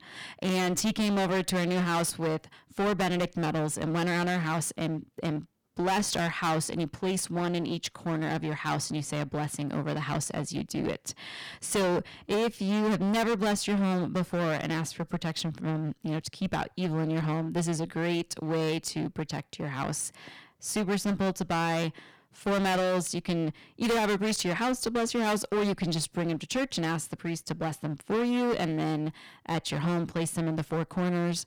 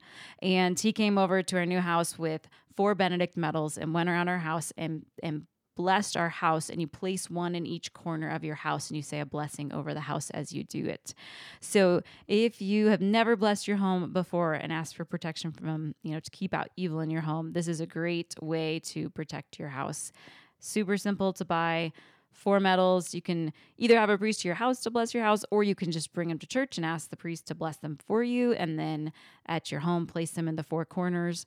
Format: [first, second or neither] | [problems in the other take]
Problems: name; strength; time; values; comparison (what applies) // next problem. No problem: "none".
second | distortion; heavy; 19% of the sound clipped